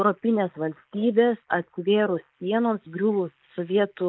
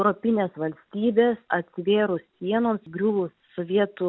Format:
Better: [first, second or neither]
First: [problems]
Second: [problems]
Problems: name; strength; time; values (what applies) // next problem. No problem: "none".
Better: second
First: noise reduction (neural mask model Resemble Enhance denoiser)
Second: none